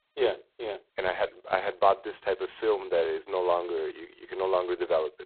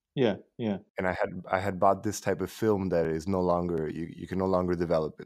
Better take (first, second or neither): second